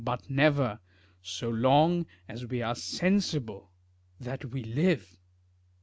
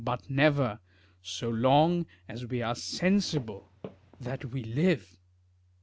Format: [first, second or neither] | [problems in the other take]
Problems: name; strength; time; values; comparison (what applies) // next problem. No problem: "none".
first | background sound (Walk, footsteps); 18 dB below the speech